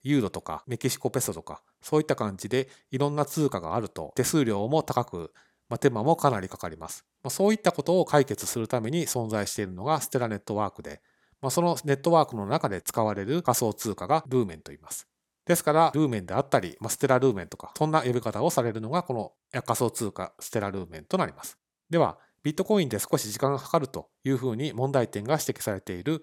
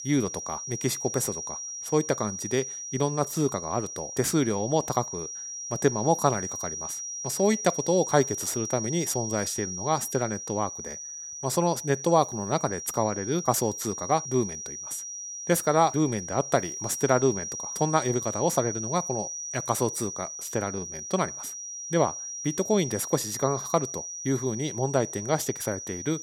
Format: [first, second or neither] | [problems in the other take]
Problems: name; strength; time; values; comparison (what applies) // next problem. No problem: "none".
first | high-pitched whine; loud; throughout; 5.5 kHz, 6 dB below the speech